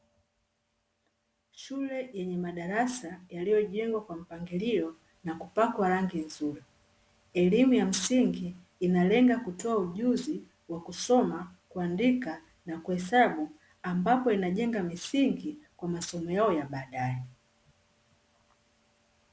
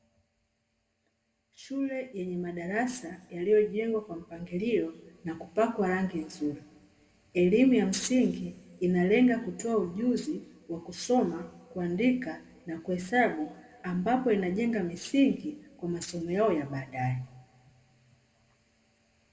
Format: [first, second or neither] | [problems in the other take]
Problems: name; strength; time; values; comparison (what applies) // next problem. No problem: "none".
first | room echo; dies away in 1 s